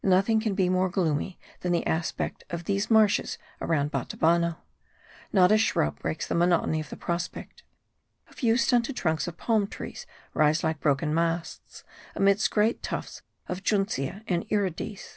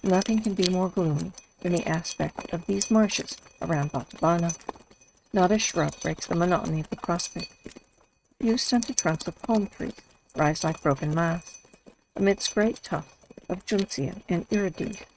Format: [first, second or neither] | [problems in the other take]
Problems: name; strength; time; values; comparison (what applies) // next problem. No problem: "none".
first | noise reduction (neural mask model RNNoise)